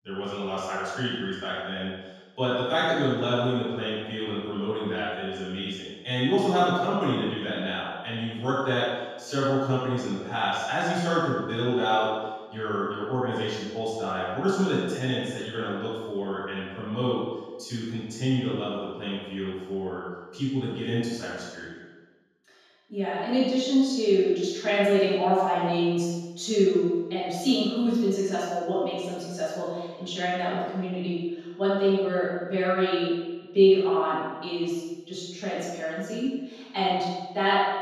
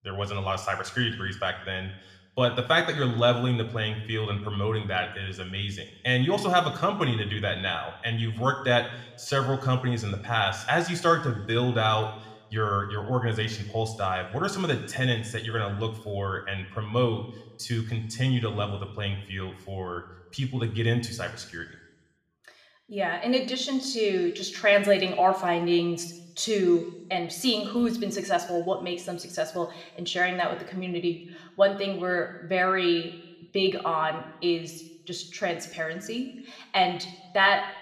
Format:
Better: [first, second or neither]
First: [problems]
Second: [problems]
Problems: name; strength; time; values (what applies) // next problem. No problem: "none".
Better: second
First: room echo; strong; dies away in 1.2 s // off-mic speech; far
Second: room echo; slight; dies away in 0.9 s